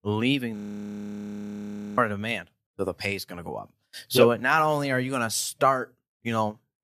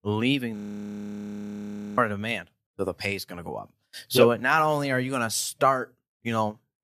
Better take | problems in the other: neither | audio freezing; at 0.5 s for 1.5 s; the same in both

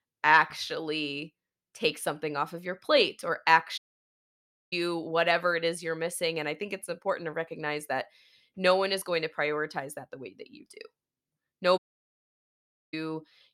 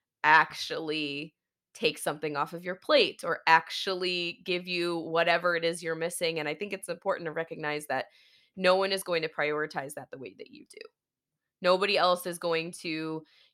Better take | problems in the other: second | audio cutting out; at 4 s for 1 s and at 12 s for 1 s

